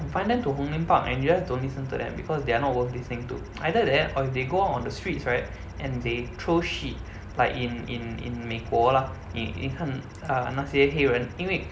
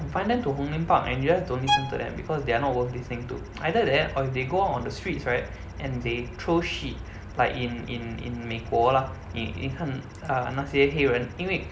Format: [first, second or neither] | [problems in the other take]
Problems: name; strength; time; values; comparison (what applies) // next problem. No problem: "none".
first | background sound (Bowed string instrument); 5 dB below the speech